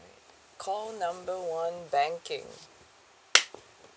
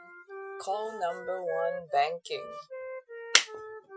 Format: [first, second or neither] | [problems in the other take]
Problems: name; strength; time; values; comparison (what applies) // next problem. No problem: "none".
first | noise reduction (classical method Wiener filter)